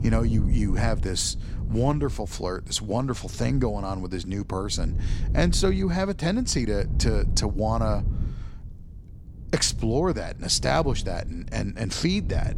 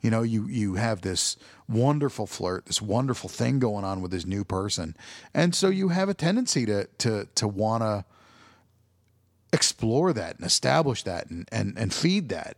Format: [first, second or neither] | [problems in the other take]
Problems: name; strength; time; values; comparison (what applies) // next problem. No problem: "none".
second | wind noise on the microphone; occasional gusts; 15 dB below the speech